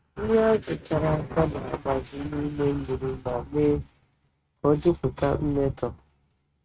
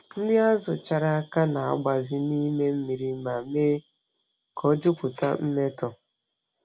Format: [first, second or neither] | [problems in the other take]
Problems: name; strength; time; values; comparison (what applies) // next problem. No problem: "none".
second | noise reduction (neural mask model RNNoise)